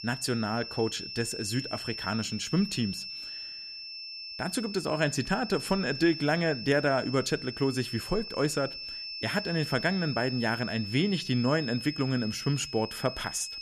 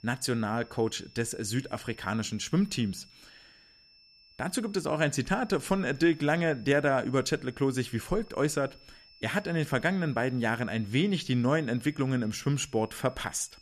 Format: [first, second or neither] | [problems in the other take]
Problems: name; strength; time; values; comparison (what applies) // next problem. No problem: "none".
second | high-pitched whine; loud; throughout; 5.5 kHz, 8 dB below the speech; faint in the second